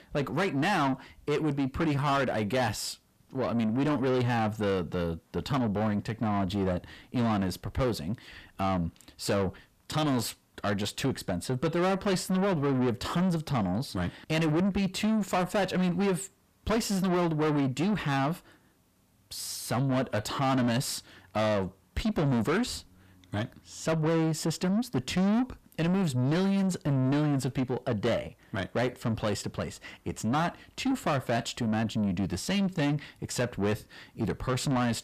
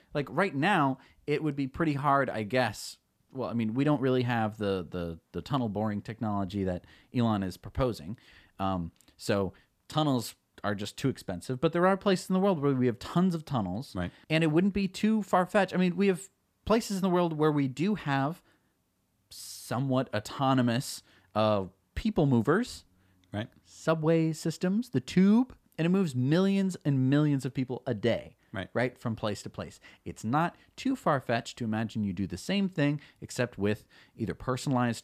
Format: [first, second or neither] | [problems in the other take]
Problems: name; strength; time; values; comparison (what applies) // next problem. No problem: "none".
second | distortion; heavy; 7 dB below the speech